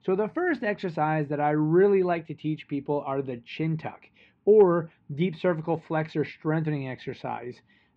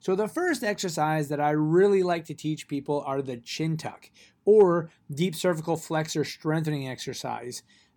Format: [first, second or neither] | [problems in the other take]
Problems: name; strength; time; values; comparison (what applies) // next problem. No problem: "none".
second | muffled; very; fading above 3 kHz